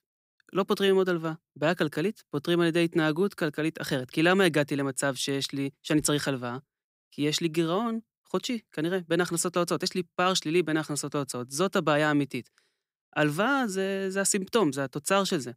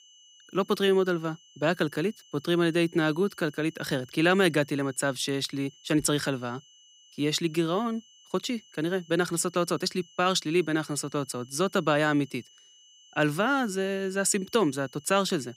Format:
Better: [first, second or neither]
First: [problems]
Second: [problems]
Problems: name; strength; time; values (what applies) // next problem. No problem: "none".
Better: first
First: none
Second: high-pitched whine; faint; throughout; 3 kHz, 25 dB below the speech